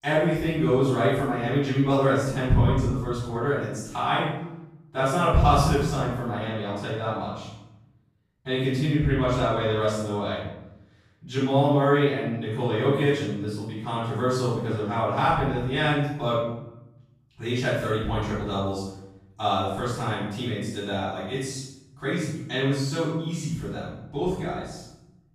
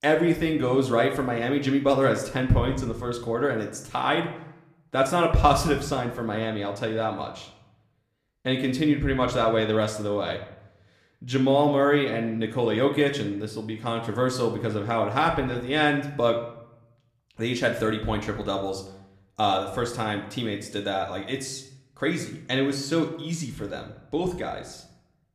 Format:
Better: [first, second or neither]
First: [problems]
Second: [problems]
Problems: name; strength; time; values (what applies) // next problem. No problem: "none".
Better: second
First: room echo; strong; dies away in 0.9 s // off-mic speech; far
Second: room echo; slight; dies away in 0.6 s